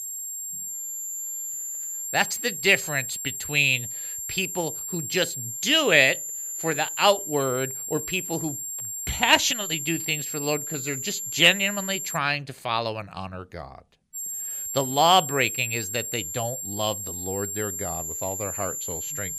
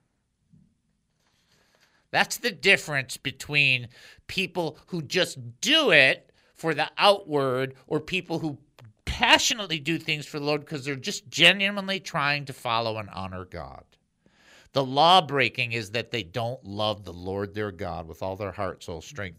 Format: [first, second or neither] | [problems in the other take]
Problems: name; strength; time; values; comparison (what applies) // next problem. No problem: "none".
second | high-pitched whine; loud; until 12 s and from 14 s on; 7.5 kHz, 6 dB below the speech